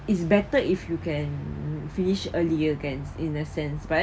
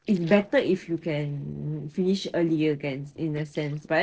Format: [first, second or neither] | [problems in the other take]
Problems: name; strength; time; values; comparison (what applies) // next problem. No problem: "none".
first | noise reduction (neural separator model SepFormer DNS4)